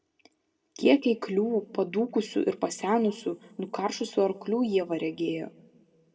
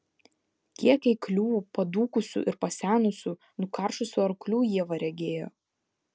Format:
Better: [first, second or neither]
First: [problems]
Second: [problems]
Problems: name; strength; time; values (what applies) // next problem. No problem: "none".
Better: second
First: room echo; dies away in 0.6 s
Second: none